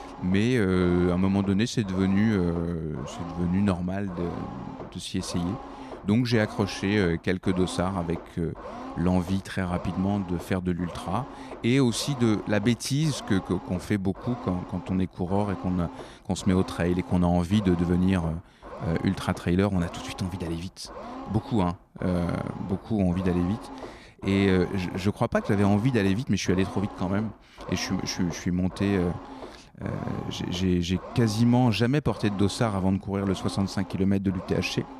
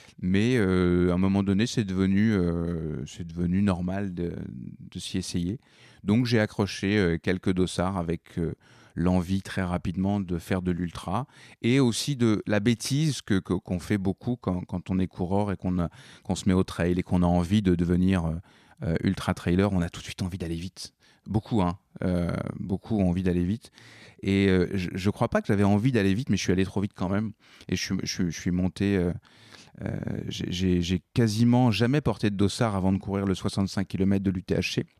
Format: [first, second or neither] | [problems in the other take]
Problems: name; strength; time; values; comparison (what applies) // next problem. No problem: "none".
second | low rumble; noticeable; throughout; 10 dB below the speech